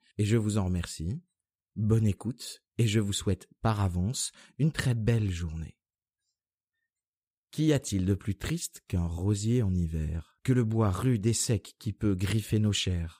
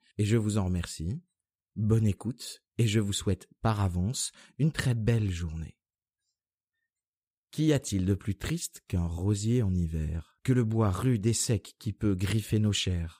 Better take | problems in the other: neither | none

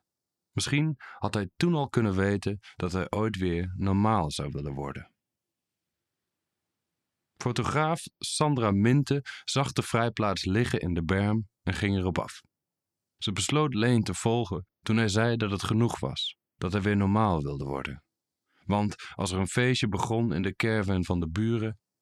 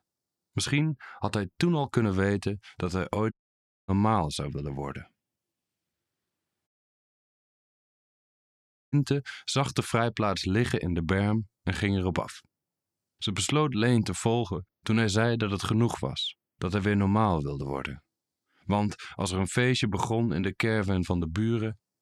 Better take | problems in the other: first | audio cutting out; at 3.5 s for 0.5 s and at 6.5 s for 2 s

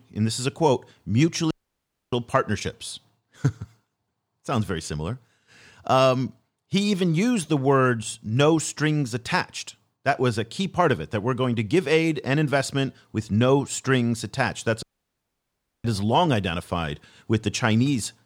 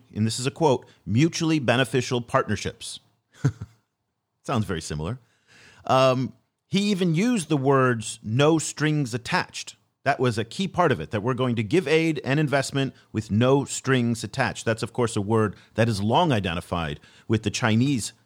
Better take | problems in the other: second | audio cutting out; at 1.5 s for 0.5 s and at 15 s for 1 s

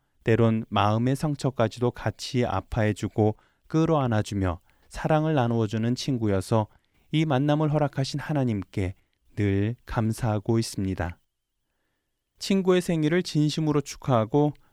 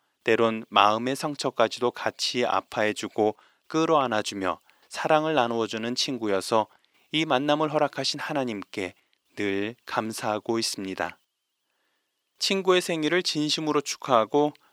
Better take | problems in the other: first | thin; somewhat; fading below 350 Hz

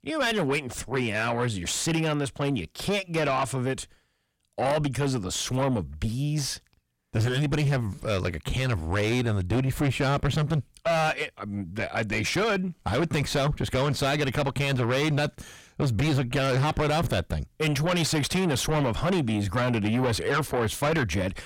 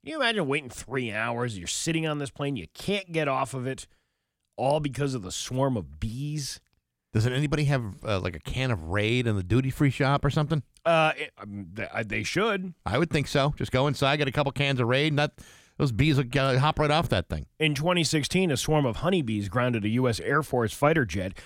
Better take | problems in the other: second | distortion; heavy; 6 dB below the speech

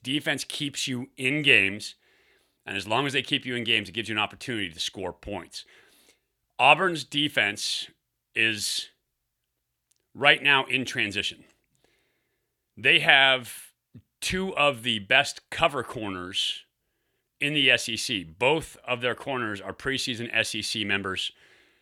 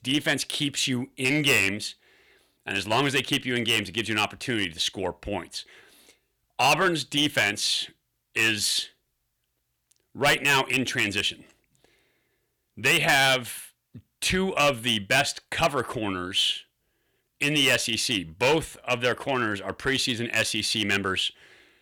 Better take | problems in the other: first | distortion; heavy; 3% of the sound clipped

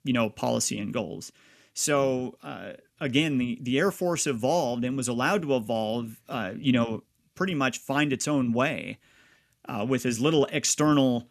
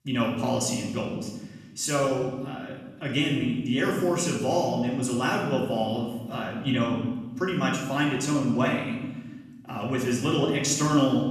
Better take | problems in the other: first | off-mic speech; far // room echo; noticeable; dies away in 1.1 s

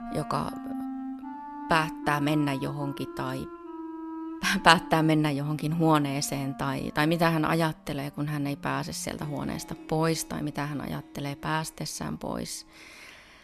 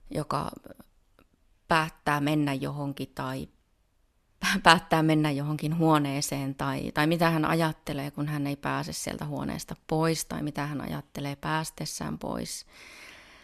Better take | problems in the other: second | background music; noticeable; throughout; 15 dB below the speech

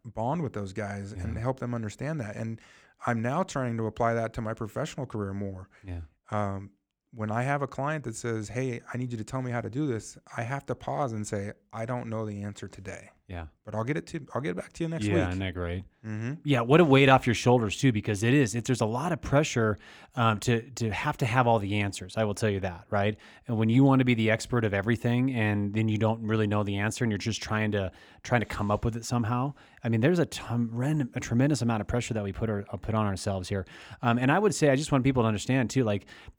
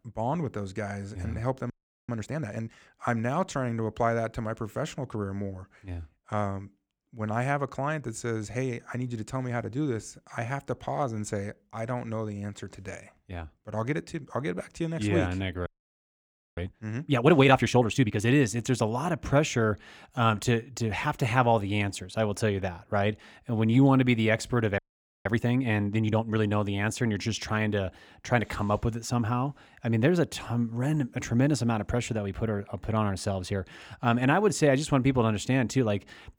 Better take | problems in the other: first | audio freezing; at 1.5 s, at 16 s for 1 s and at 25 s

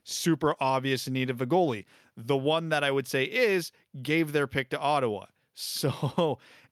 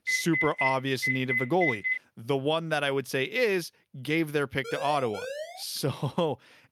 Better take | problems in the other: first | phone ringing; loud; until 2 s; peak 2 dB above the speech // siren; noticeable; at 4.5 s; peak 8 dB below the speech

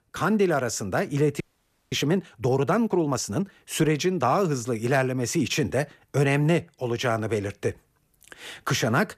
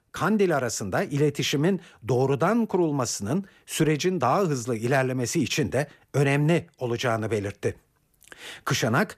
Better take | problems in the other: second | audio freezing; at 1.5 s for 0.5 s

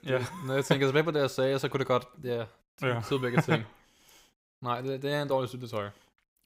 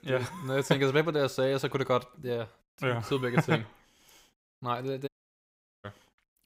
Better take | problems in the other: first | audio cutting out; at 5 s for 1 s

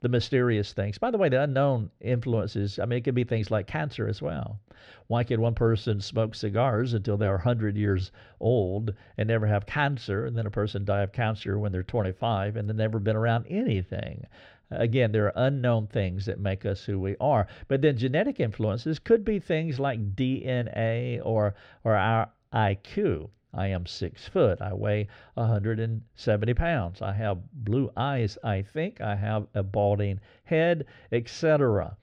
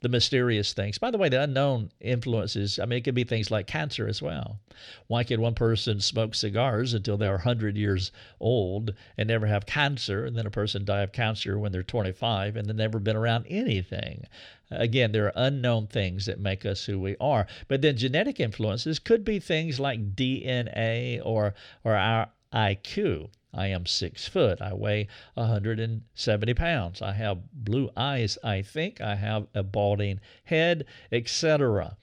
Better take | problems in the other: second | muffled; slightly; fading above 2.5 kHz

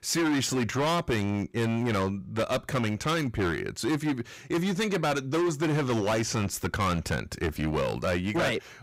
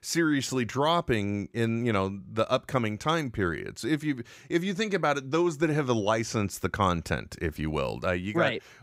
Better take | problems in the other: second | distortion; heavy; 19% of the sound clipped

